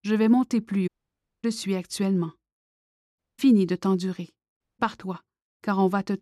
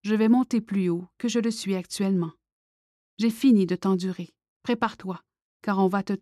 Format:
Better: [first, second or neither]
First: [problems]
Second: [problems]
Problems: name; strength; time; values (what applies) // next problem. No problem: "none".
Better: second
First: audio cutting out; at 1 s for 0.5 s, at 3 s and at 4.5 s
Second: none